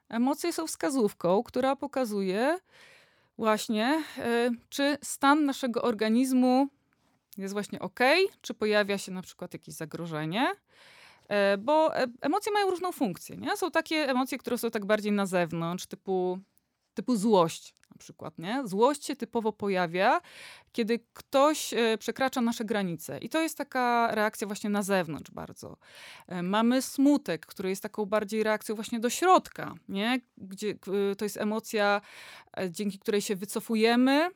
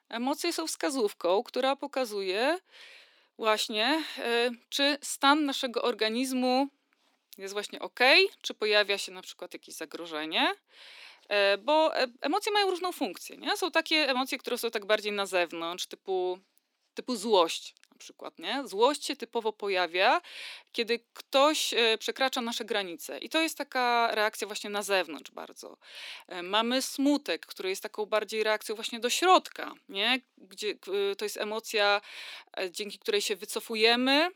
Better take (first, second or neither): first